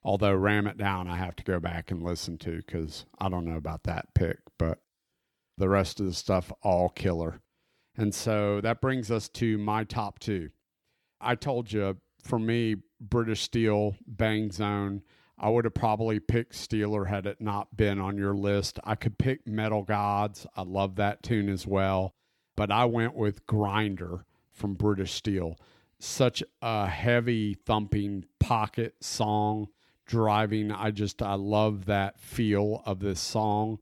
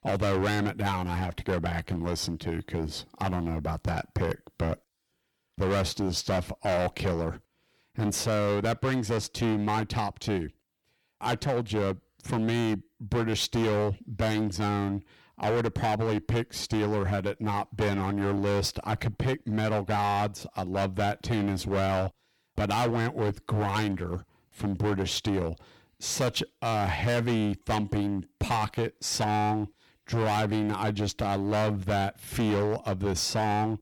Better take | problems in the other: first | distortion; heavy; 16% of the sound clipped

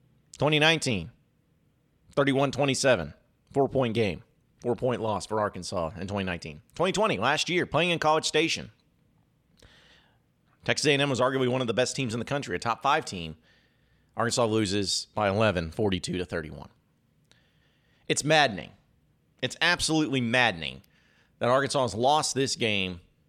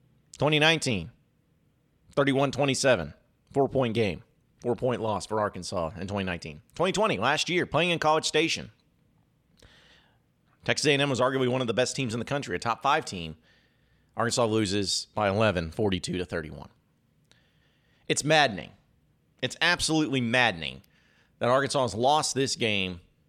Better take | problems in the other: neither | none

